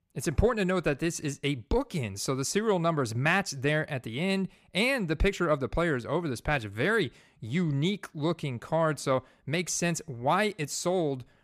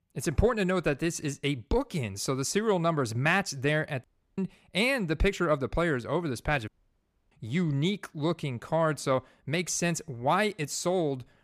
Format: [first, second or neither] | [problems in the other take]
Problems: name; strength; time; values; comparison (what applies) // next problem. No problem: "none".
first | audio cutting out; at 4 s and at 6.5 s for 0.5 s